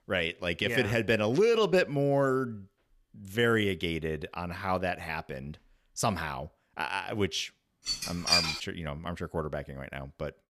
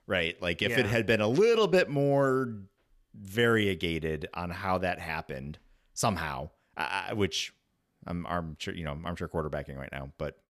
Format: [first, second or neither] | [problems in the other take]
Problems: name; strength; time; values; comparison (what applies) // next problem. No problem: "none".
second | clattering dishes; loud; at 8 s; peak 5 dB above the speech